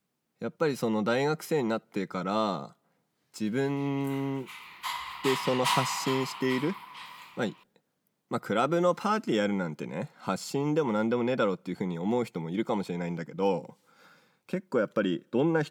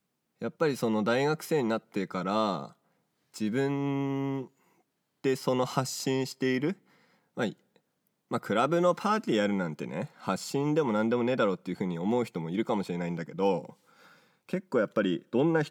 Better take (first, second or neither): second